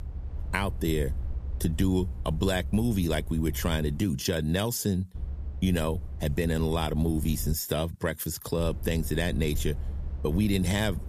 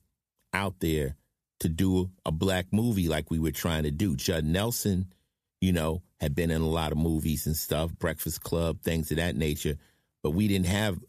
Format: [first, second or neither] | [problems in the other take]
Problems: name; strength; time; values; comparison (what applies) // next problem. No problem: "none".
second | low rumble; faint; until 4 s, from 5 to 7.5 s and from 8.5 s on; 20 dB below the speech